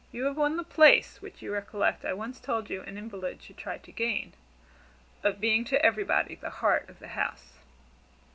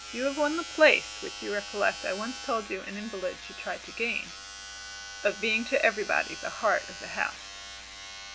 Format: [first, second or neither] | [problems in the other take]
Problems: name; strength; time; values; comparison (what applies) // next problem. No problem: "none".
first | background sound (Domestic sounds, home sounds); 11 dB below the speech